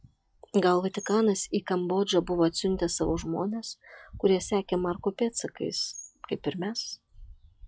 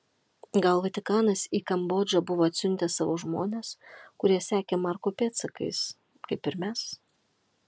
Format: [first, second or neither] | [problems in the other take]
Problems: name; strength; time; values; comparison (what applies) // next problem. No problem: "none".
second | noise reduction (classical method log-MMSE)